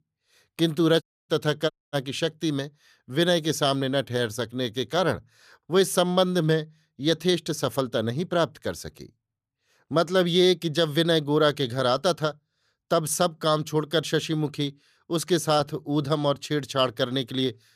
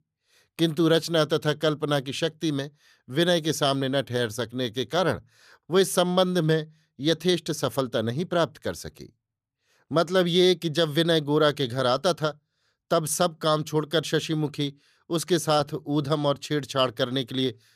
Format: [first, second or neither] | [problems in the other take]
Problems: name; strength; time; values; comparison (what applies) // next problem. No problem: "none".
second | audio cutting out; at 1 s and at 1.5 s